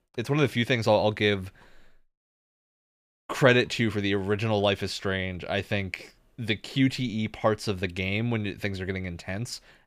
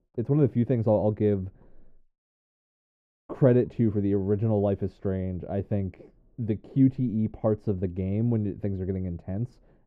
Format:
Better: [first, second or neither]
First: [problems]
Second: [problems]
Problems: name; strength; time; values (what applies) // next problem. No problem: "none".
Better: first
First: none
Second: muffled; very; fading above 1 kHz